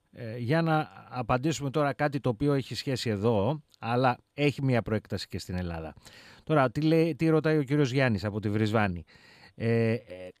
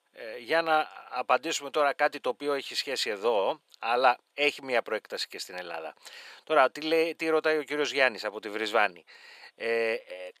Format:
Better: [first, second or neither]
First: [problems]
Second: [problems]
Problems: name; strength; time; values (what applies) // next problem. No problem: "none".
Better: first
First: none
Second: thin; very; fading below 500 Hz